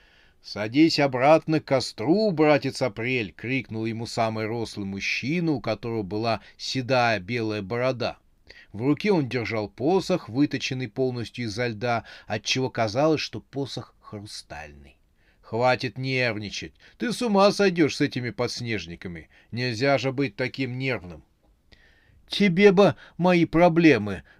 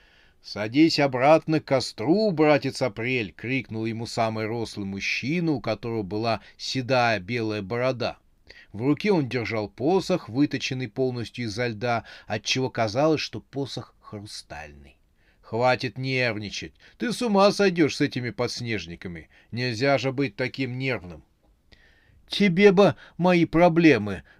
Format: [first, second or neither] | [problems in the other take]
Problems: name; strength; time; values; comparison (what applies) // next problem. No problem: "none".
neither | none